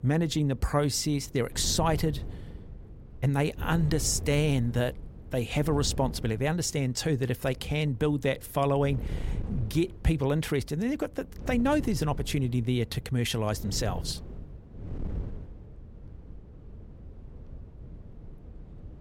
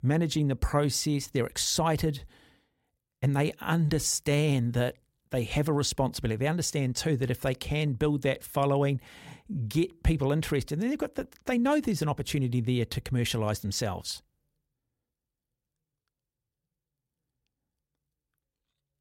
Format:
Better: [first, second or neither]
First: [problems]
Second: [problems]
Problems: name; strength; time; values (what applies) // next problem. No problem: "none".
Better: second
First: wind noise on the microphone; occasional gusts; 20 dB below the speech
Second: none